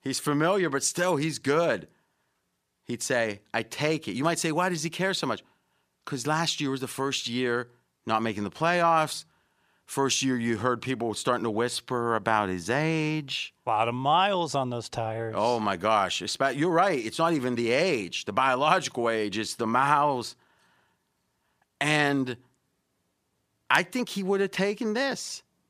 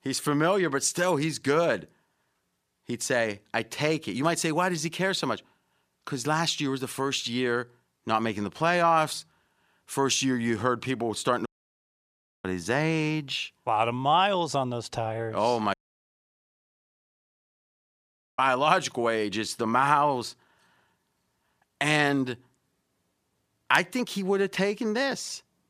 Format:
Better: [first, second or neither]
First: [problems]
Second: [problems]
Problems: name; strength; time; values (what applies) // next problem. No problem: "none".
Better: first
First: none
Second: audio cutting out; at 11 s for 1 s and at 16 s for 2.5 s